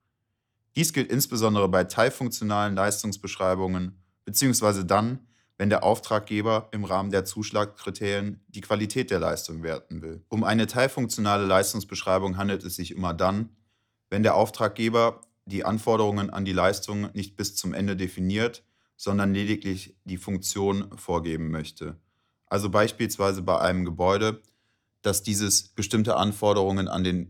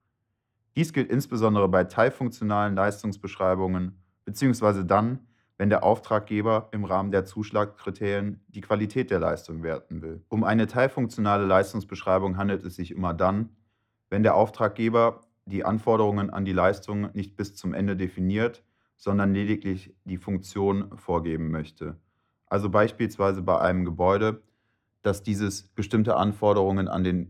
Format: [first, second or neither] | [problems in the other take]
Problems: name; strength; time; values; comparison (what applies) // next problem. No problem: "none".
first | muffled; very; fading above 3.5 kHz